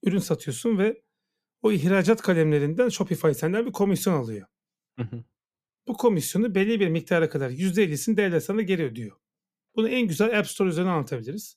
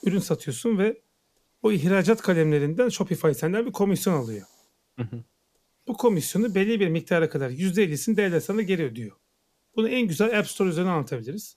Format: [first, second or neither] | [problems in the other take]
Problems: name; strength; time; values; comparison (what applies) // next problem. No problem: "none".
first | hiss; faint; throughout; 30 dB below the speech